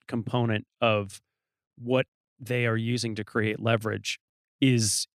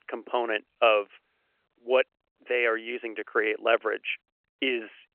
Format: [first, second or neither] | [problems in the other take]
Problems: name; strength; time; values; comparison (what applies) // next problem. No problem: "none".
first | phone-call audio; nothing above 3 kHz